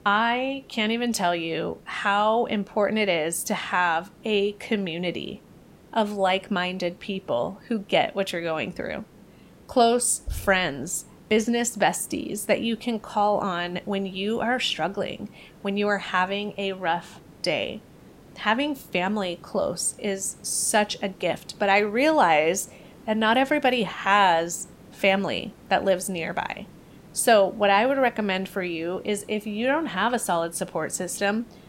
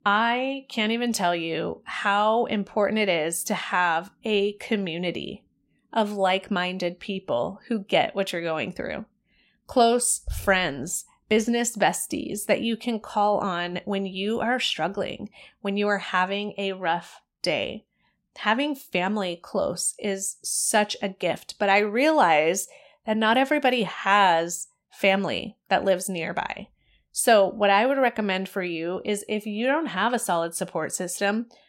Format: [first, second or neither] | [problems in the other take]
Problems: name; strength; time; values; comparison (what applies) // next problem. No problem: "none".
second | hiss; faint; throughout; 25 dB below the speech